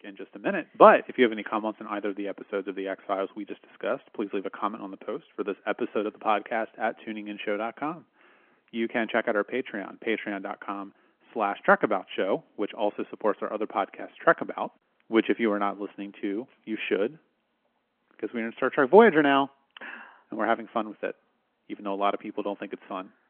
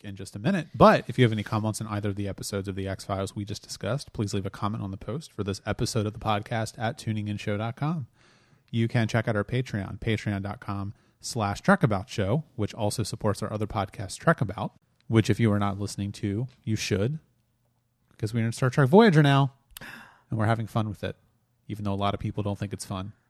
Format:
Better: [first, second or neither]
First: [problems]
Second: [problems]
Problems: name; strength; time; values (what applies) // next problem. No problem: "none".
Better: second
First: phone-call audio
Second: none